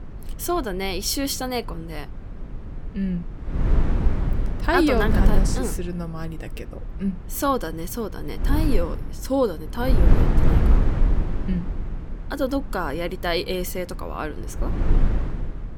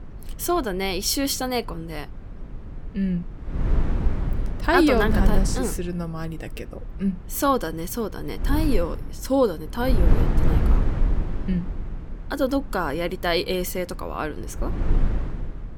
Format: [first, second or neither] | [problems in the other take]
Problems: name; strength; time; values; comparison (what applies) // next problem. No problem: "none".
second | wind noise on the microphone; heavy; 9 dB below the speech; occasional gusts in the second